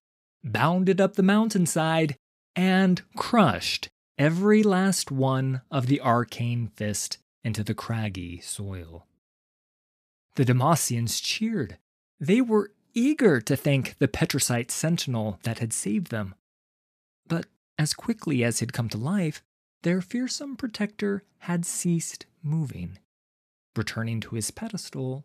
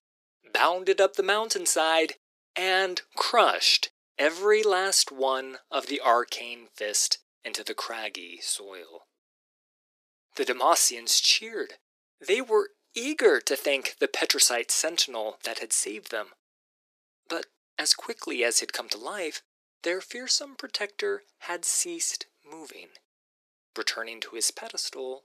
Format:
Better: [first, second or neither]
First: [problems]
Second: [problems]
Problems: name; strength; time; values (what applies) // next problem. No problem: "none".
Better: first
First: none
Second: thin; very; fading below 350 Hz